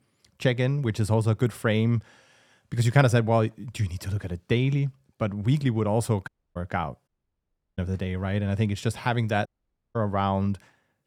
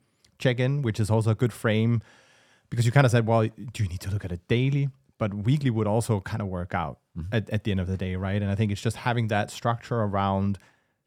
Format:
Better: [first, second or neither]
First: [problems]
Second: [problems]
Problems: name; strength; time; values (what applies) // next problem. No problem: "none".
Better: second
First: audio cutting out; at 6.5 s, at 7 s for 0.5 s and at 9.5 s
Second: none